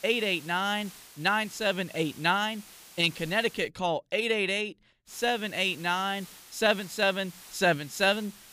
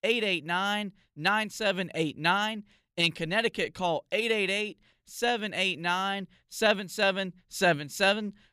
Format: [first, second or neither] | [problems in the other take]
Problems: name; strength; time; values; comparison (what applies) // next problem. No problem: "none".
second | hiss; noticeable; until 3.5 s and from 5 s on; 20 dB below the speech